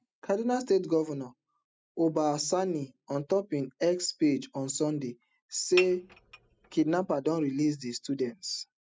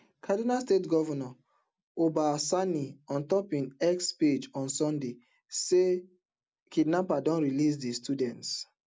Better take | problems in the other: second | noise reduction (classical method spectral subtraction)

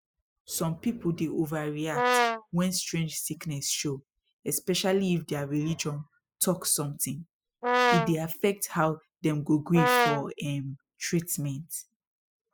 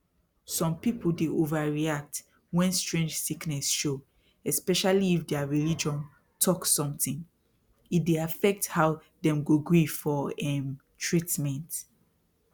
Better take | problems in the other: second | noise reduction (classical method spectral subtraction)

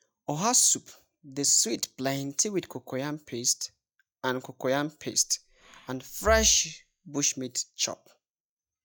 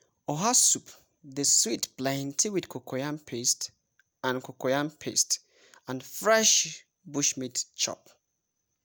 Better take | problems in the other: second | noise reduction (classical method log-MMSE)

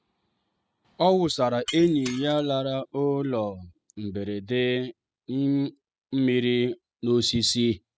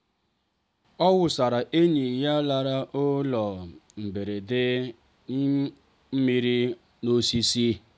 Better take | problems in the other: second | noise reduction (classical method spectral subtraction)

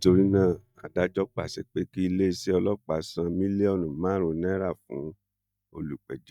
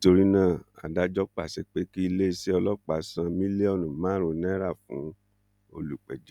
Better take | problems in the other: second | noise reduction (neural mask model DeepFilterNet 3)

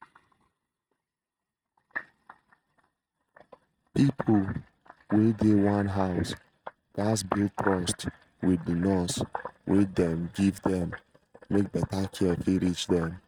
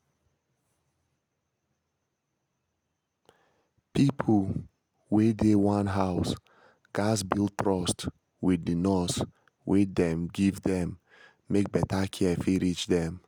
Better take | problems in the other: second | noise reduction (neural mask model RNNoise)

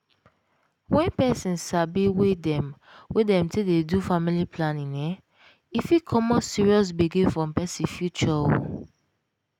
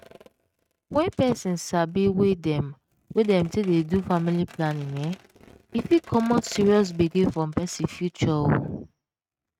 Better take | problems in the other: first | noise reduction (neural mask model RNNoise)

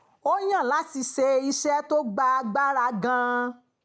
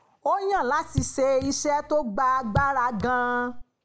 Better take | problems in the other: first | background sound (Raindrop / Drip); 10 dB below the speech

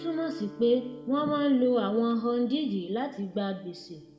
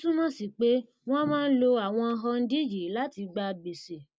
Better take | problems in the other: second | background sound (Guitar); 20 dB below the speech // room echo; dies away in 0.8 s

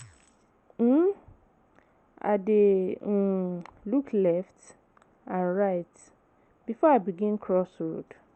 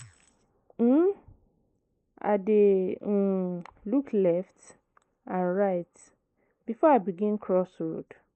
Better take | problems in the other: first | noise reduction (neural mask model Resemble Enhance denoiser)

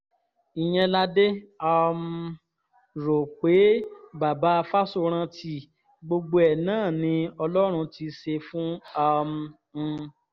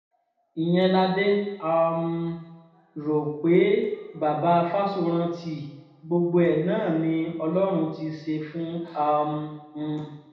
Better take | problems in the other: first | room echo; dies away in 0.8 s

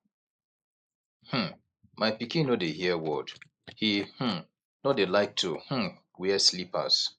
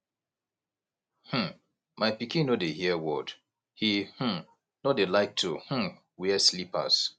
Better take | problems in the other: second | noise reduction (neural mask model Resemble Enhance denoiser)

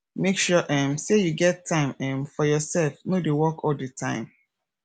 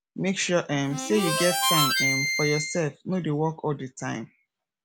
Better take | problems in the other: first | background sound (Harmonica); 1 dB above the speech

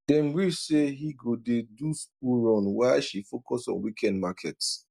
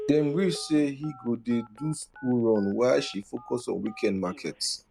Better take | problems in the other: first | background sound (Telephone); 15 dB below the speech

